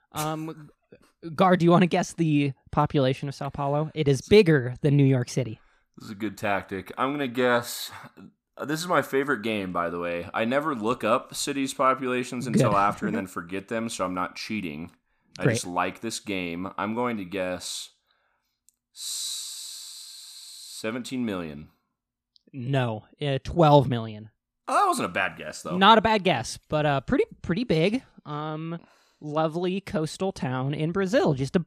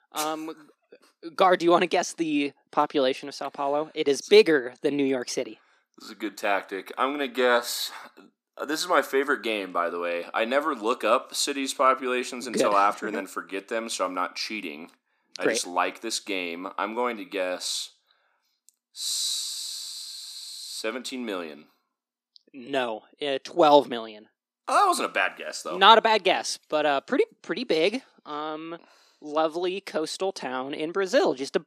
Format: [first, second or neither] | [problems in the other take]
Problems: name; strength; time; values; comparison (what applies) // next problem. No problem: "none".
first | thin; somewhat; fading below 300 Hz